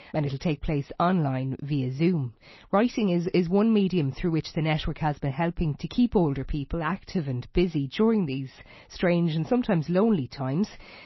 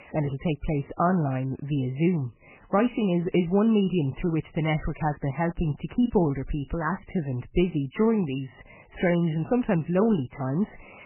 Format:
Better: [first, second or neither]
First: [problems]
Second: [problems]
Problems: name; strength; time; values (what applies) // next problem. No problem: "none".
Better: first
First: garbled, watery; slightly; nothing above 5.5 kHz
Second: garbled, watery; badly; nothing above 3 kHz